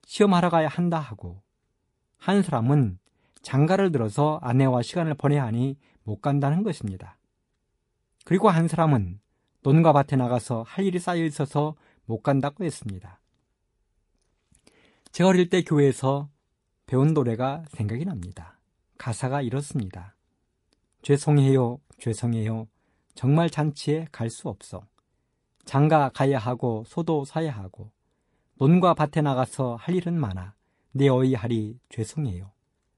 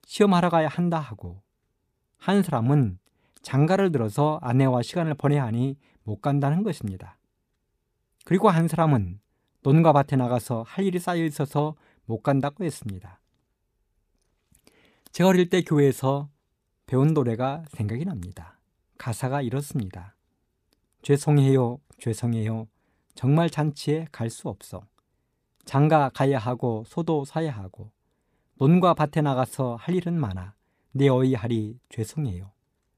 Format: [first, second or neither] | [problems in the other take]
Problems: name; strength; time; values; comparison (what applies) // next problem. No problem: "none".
second | garbled, watery; slightly; nothing above 11 kHz